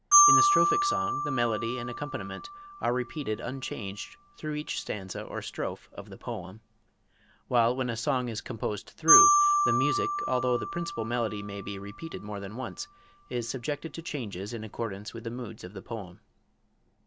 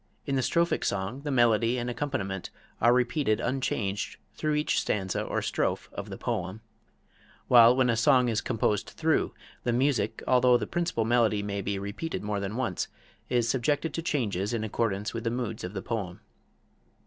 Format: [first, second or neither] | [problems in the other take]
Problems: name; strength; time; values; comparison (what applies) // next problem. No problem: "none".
second | background sound (Marimba, xylophone); 2 dB above the speech